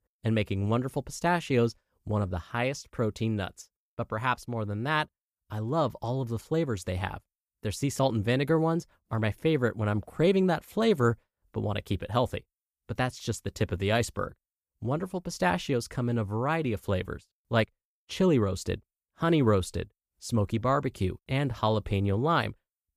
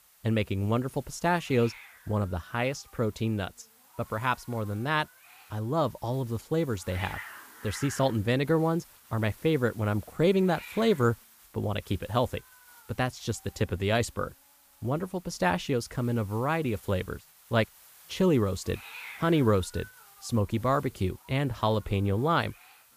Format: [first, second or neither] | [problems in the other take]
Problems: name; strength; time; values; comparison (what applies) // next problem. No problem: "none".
first | hiss; noticeable; throughout; 20 dB below the speech